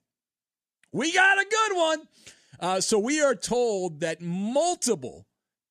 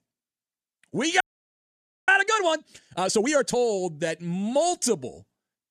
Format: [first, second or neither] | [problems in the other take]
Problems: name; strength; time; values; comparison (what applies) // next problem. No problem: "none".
first | audio freezing; at 1 s for 1 s